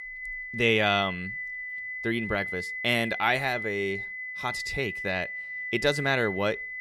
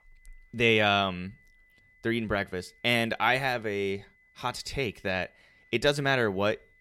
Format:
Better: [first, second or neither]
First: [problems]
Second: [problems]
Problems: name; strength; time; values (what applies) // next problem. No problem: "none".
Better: second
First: high-pitched whine; loud; throughout; 2 kHz, 5 dB below the speech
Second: high-pitched whine; faint; throughout; 2 kHz, 35 dB below the speech